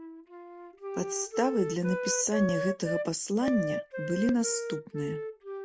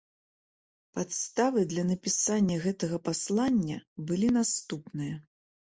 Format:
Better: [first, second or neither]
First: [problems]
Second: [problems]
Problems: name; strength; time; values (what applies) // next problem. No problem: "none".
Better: second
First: background sound (Wind instrument, woodwind instrument); 4 dB below the speech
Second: none